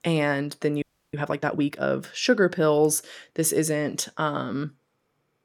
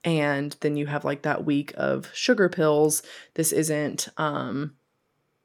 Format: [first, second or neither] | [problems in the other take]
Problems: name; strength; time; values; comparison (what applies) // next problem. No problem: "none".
second | audio freezing; at 1 s